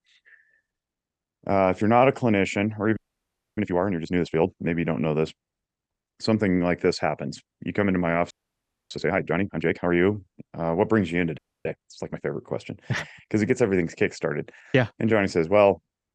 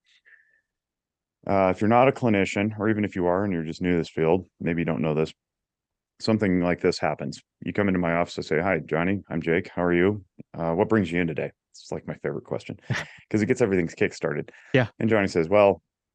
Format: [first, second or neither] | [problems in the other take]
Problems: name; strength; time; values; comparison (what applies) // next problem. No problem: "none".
second | audio freezing; at 3 s for 0.5 s, at 8.5 s for 0.5 s and at 11 s